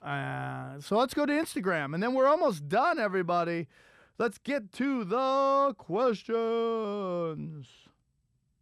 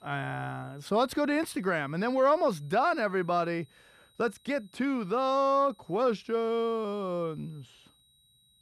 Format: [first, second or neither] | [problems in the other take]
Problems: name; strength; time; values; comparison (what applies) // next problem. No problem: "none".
first | high-pitched whine; faint; throughout; 4 kHz, 35 dB below the speech